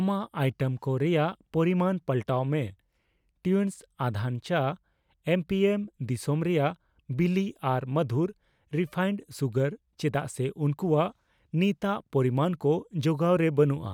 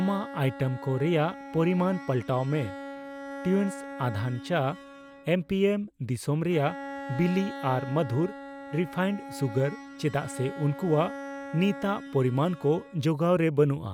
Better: first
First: none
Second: background sound (Bowed string instrument); 13 dB below the speech

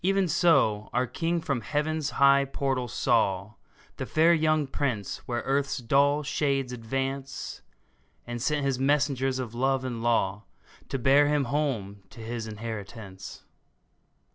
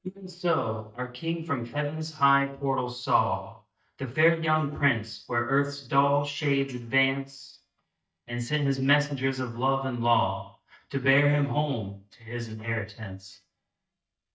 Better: first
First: none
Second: noise reduction (neural mask model DeepFilterNet 3)

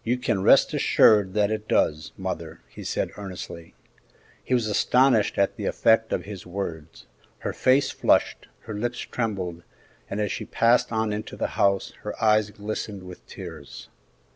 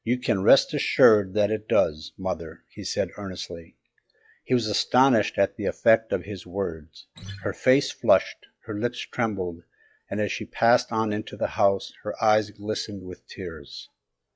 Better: first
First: none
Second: noise reduction (classical method log-MMSE)

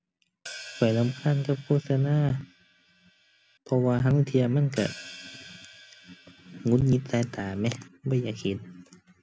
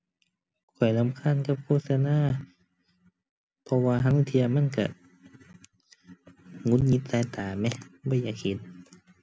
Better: second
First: background sound (Hi-hat); 19 dB below the speech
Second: none

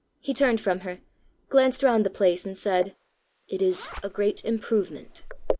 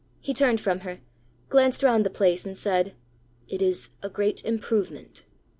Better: second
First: noise reduction (neural mask model Resemble Enhance denoiser)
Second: none

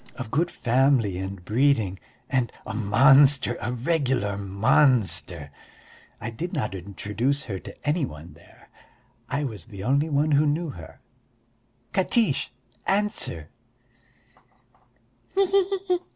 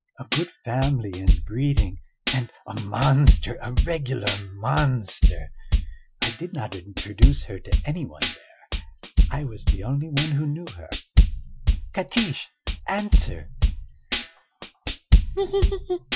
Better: first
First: none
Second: noise reduction (classical method Wiener filter)

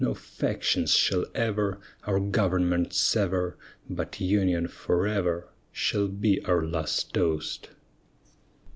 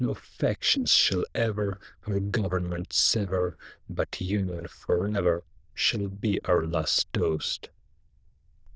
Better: first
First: none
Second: noise reduction (neural diffusion model UNIVERSE++)

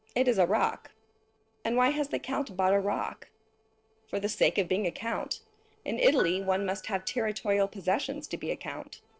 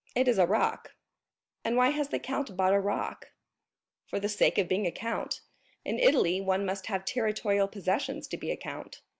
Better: second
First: noise reduction (neural separator model SepFormer DNS4)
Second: none

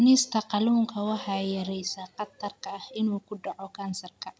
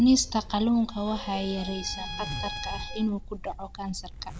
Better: first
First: none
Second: background sound (Bowed string instrument + Zipper (clothing)); 10 dB below the speech

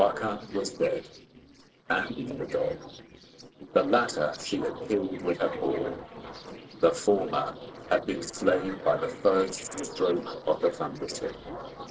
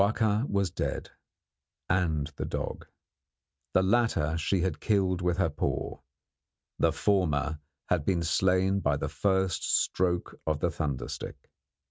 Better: second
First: noise reduction (neural separator model SepFormer DNS4)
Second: none

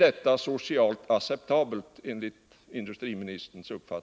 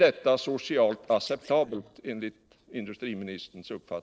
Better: first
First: none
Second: noise reduction (neural separator model SepFormer DNS4)

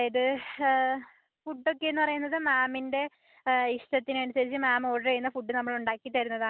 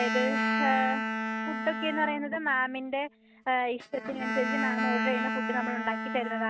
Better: first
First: none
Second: noise reduction (neural mask model RNNoise)

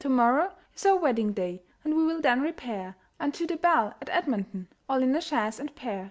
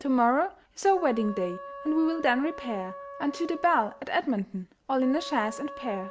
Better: first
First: none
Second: background sound (Wind instrument, woodwind instrument); 15 dB below the speech

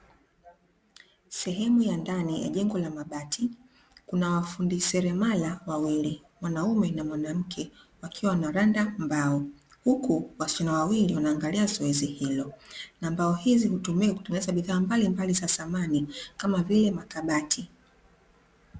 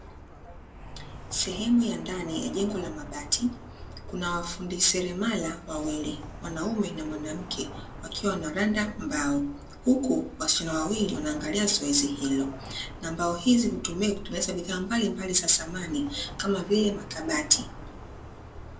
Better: first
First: none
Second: background sound (Traffic noise, roadway noise); 13 dB below the speech // room echo; dies away in 0.2 s

